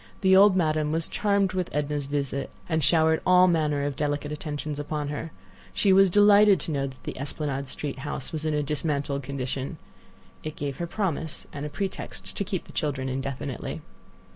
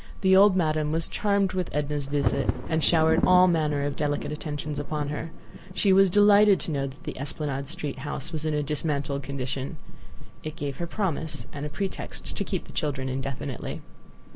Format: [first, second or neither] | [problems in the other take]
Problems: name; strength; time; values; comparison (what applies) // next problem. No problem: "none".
first | background sound (Thunder / Wind / Bird vocalization, bird call, bird song); 3 dB below the speech